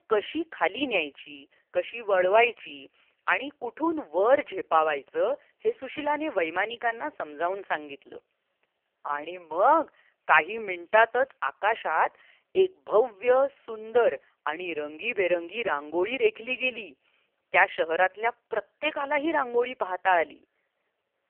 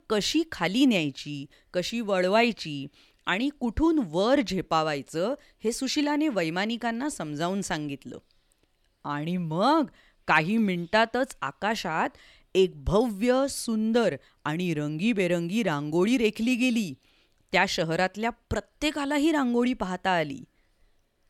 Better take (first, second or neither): second